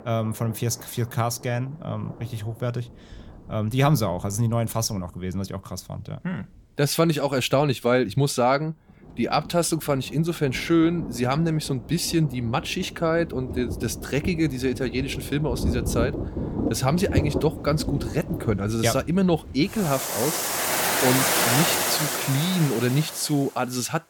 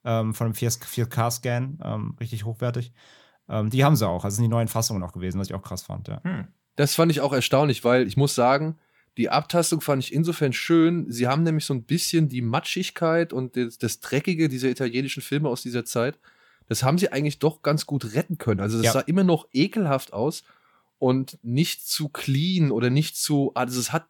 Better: second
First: rain or running water; loud; throughout; 2 dB below the speech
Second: none

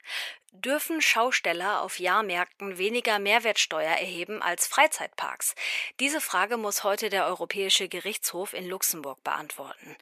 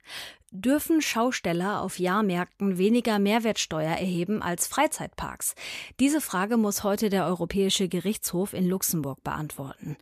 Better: second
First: thin; very; fading below 600 Hz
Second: none

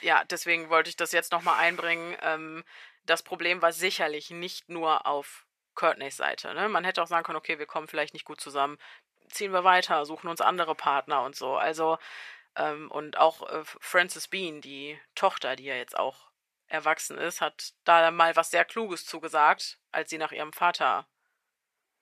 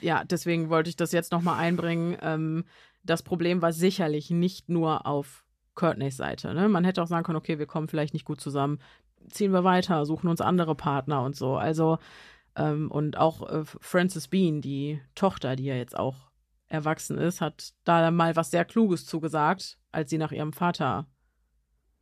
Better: second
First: thin; very; fading below 750 Hz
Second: none

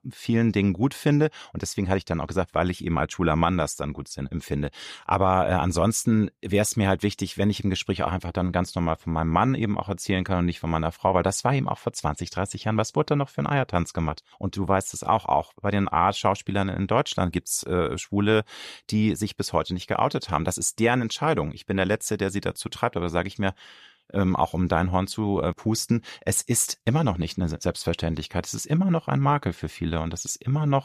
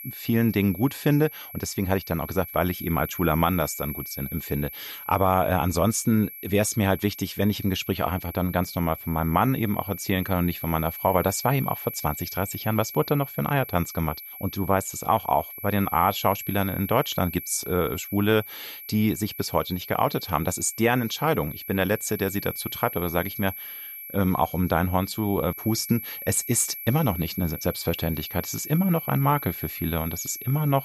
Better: first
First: none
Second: high-pitched whine; noticeable; throughout; 11.5 kHz, 10 dB below the speech

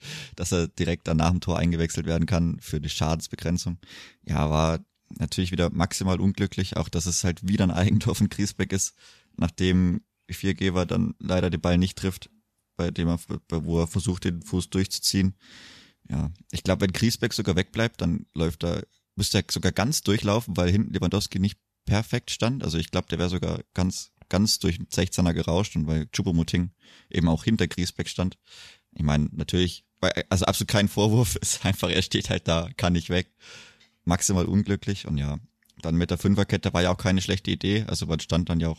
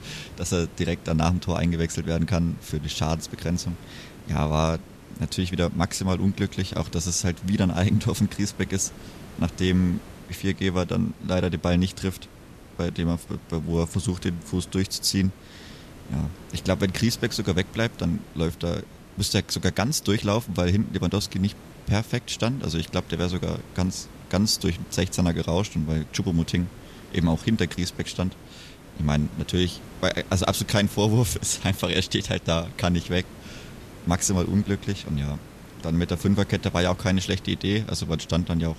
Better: first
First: none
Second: hiss; noticeable; throughout; 20 dB below the speech

